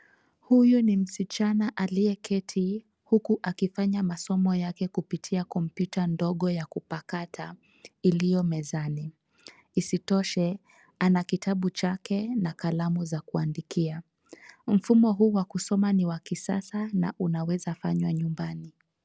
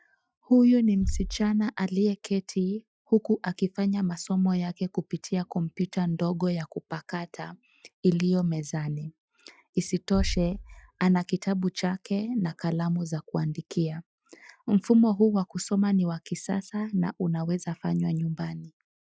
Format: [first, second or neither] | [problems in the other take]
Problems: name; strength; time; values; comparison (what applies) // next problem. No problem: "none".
first | noise reduction (classical method Wiener filter)